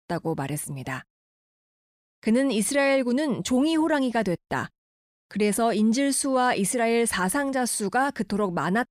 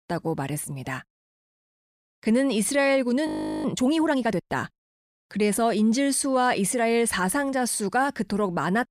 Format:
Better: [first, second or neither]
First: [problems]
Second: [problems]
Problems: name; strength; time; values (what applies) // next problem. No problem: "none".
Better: first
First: none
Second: audio freezing; at 3.5 s